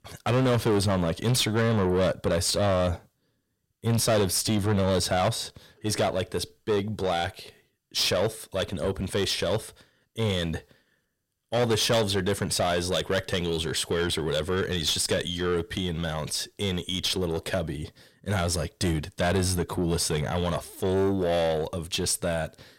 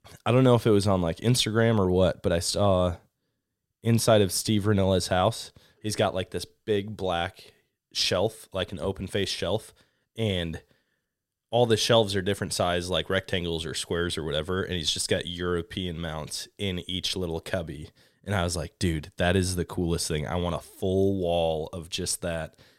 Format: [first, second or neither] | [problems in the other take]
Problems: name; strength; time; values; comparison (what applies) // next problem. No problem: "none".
second | distortion; heavy; 7 dB below the speech